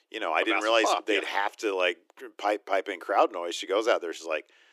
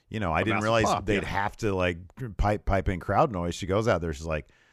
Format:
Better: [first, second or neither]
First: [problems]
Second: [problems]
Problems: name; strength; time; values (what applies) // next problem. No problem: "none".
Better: second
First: thin; very; fading below 300 Hz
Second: none